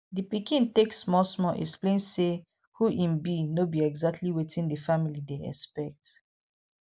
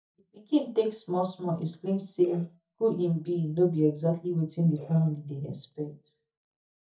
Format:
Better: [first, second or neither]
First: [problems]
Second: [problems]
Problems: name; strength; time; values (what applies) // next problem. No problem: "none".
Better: first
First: none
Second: noise reduction (neural mask model DeepFilterNet 3)